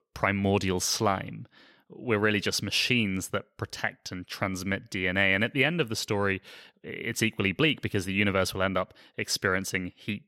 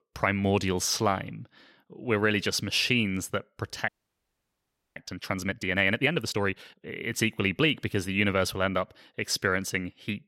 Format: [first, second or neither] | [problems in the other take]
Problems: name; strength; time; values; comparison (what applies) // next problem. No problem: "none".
first | audio freezing; at 4 s for 1 s